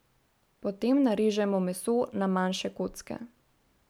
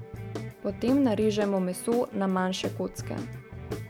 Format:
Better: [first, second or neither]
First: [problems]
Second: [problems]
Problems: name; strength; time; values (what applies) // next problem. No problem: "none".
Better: first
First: none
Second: background sound (Guitar / Drum); 10 dB below the speech